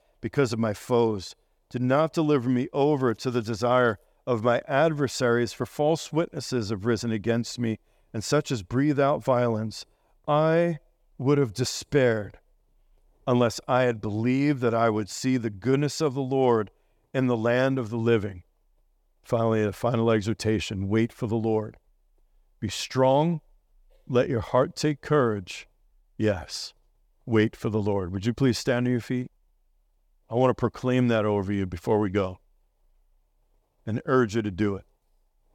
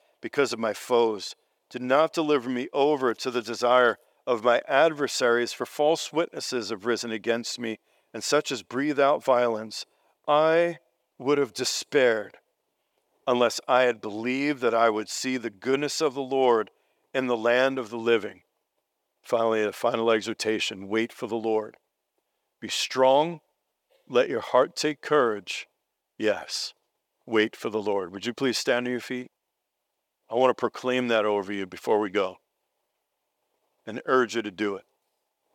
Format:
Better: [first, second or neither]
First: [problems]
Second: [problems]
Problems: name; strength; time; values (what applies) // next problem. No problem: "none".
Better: first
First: none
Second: thin; somewhat; fading below 400 Hz